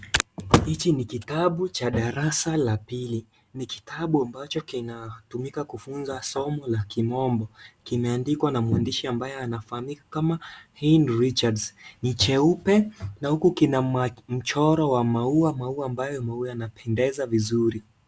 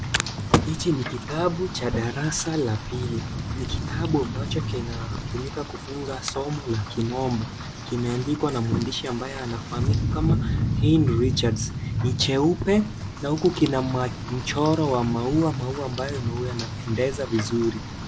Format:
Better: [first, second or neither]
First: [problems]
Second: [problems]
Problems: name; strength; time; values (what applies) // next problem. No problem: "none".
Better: first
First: none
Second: background sound (Rain); 4 dB below the speech